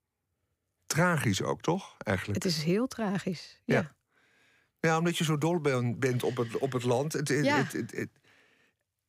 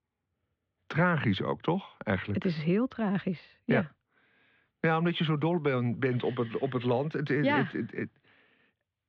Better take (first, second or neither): first